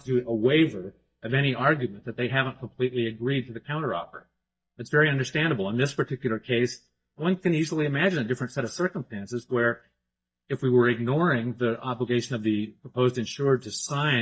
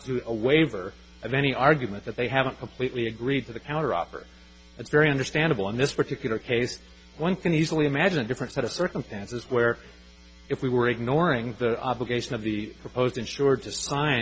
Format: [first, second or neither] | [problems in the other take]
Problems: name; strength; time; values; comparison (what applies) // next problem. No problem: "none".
second | noise reduction (neural mask model DeepFilterNet 3)